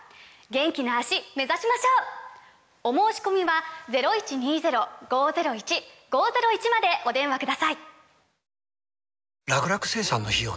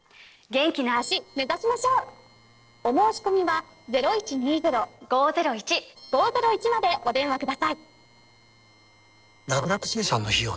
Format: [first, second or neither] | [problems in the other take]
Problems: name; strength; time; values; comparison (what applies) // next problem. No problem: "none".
first | noise reduction (neural separator model SepFormer DNS4)